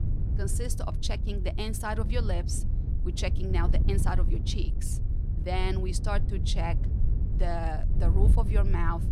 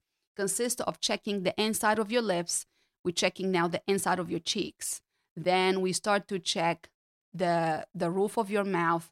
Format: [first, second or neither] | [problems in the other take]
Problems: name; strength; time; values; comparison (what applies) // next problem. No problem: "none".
second | wind noise on the microphone; heavy; 9 dB below the speech